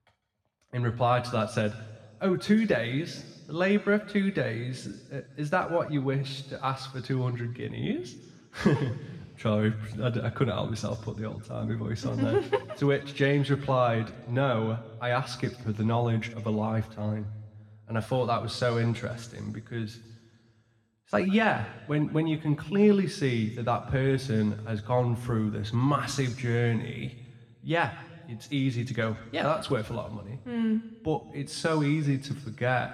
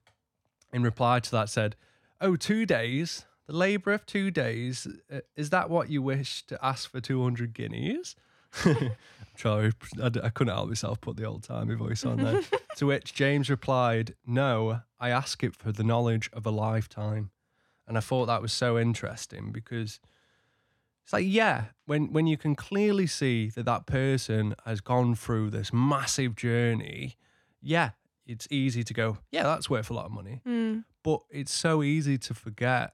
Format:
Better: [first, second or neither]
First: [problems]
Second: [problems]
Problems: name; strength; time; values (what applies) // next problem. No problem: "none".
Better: second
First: room echo; slight; dies away in 1.3 s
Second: none